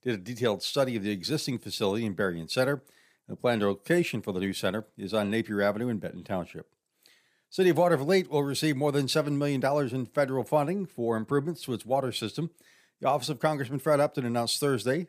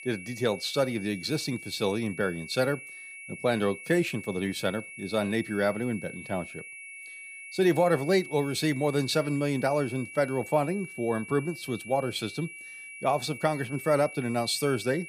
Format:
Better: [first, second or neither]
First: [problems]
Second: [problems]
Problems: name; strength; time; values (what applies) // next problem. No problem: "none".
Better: first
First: none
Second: high-pitched whine; noticeable; throughout; 2 kHz, 15 dB below the speech